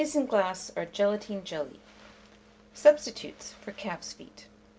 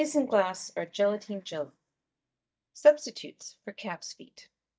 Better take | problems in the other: first | noise reduction (neural mask model DeepFilterNet 3)

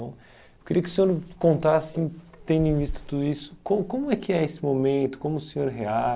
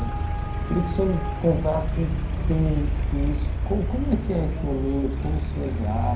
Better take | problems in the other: first | background sound (Traffic noise, roadway noise); 1 dB above the speech // room echo; dies away in 0.5 s

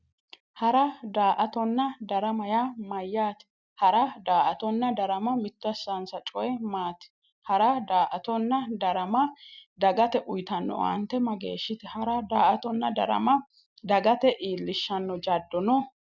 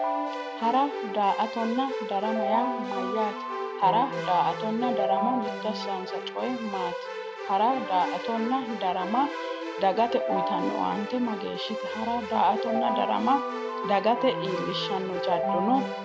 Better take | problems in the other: first | background sound (Keyboard (musical)); 3 dB below the speech

